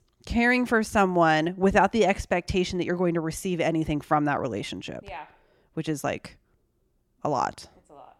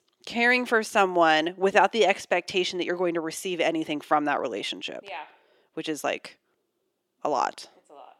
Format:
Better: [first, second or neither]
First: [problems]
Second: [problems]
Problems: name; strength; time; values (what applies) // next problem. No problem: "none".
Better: first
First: none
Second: thin; somewhat; fading below 400 Hz